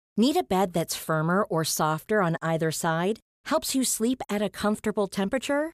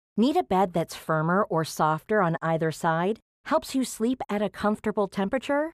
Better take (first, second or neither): first